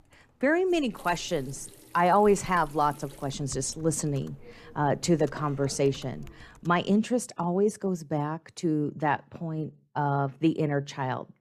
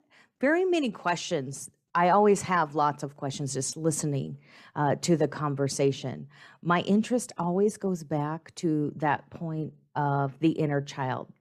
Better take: second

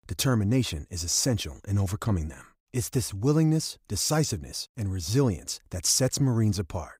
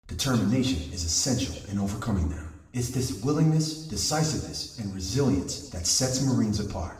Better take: first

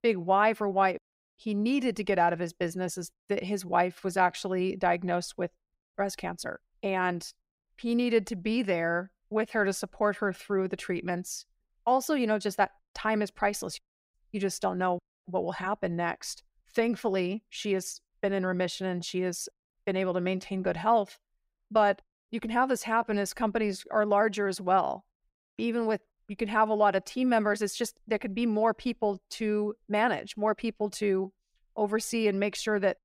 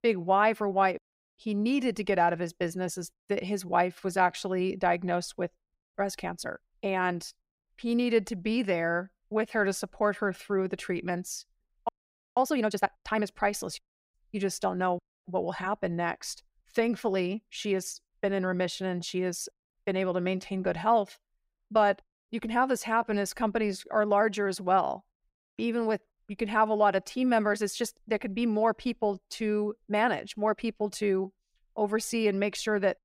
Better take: first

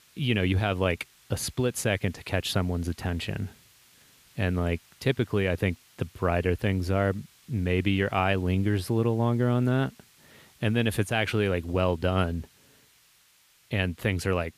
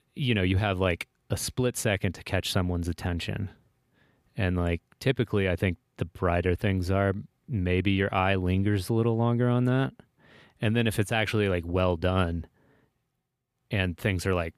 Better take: second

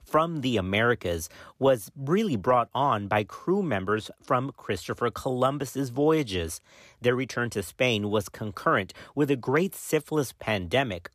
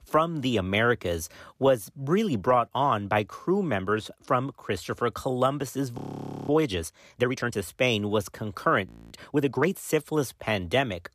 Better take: first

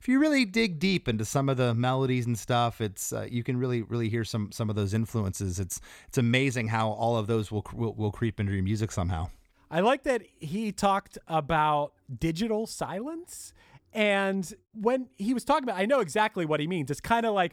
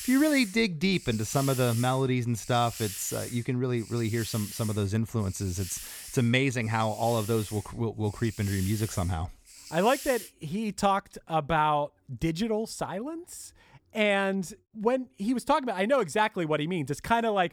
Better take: first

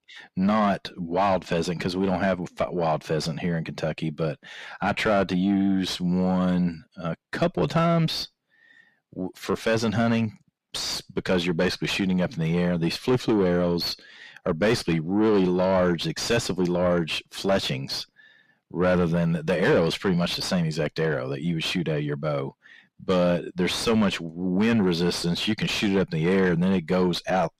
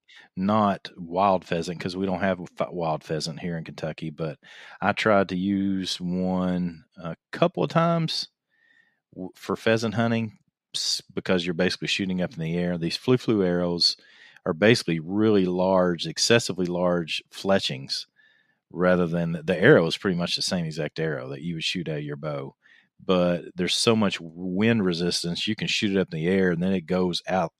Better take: second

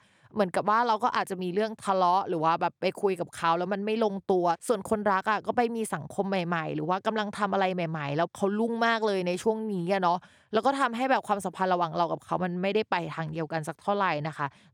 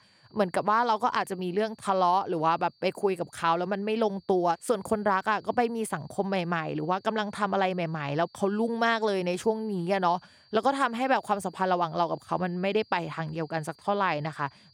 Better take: first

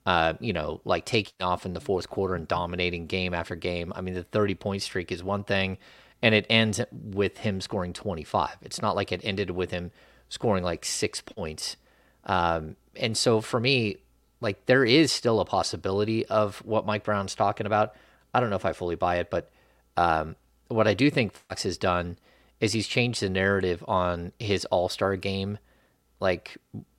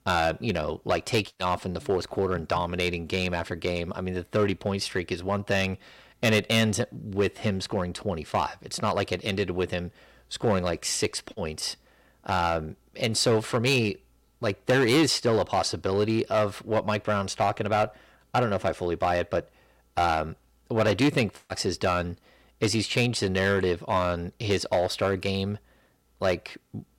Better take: first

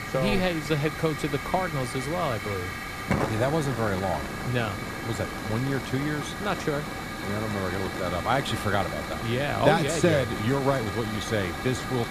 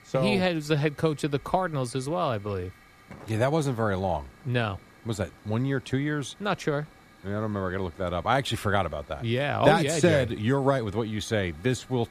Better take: second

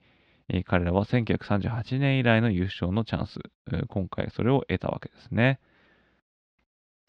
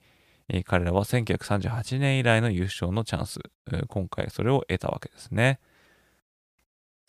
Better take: second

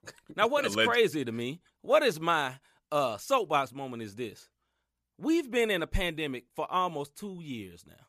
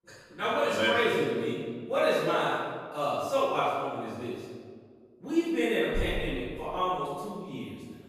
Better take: first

